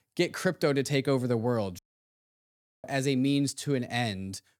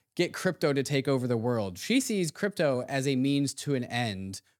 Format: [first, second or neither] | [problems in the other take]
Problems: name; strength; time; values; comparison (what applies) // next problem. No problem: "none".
second | audio cutting out; at 2 s for 1 s